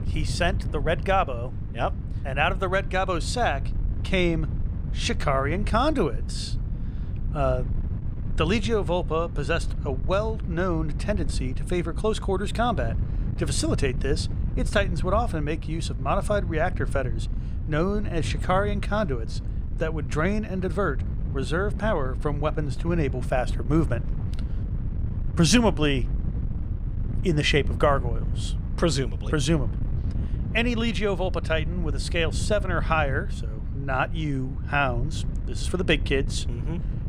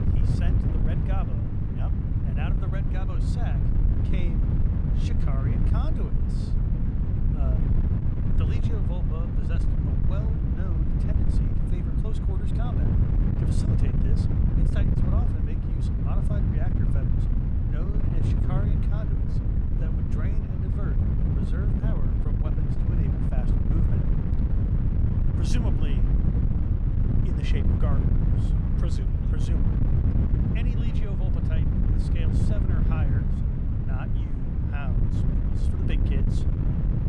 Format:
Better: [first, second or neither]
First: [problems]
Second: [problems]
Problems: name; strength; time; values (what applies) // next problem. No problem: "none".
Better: first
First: wind noise on the microphone; occasional gusts; 15 dB below the speech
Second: wind noise on the microphone; heavy; 5 dB above the speech